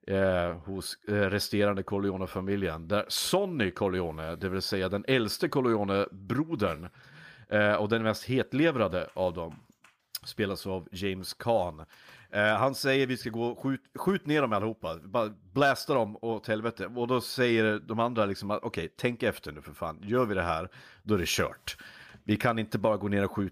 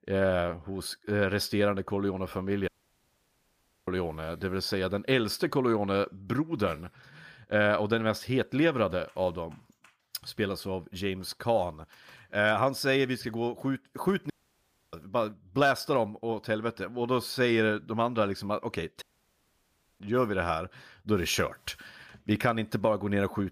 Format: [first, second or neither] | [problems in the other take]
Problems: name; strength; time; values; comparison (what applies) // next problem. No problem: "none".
first | audio cutting out; at 2.5 s for 1 s, at 14 s for 0.5 s and at 19 s for 1 s